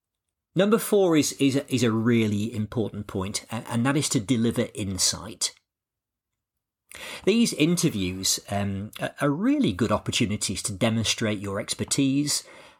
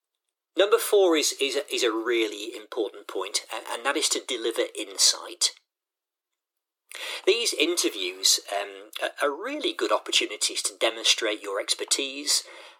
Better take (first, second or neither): first